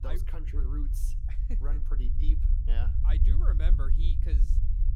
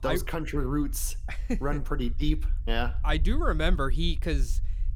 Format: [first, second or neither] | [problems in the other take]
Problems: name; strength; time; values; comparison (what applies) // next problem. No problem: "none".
second | low rumble; loud; throughout; 3 dB below the speech; faint in the second